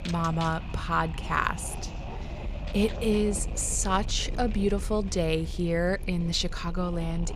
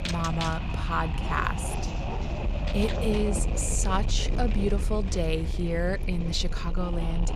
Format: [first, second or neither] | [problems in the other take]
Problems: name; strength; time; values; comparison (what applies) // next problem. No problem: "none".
first | wind noise on the microphone; heavy; 6 dB below the speech; occasional gusts in the first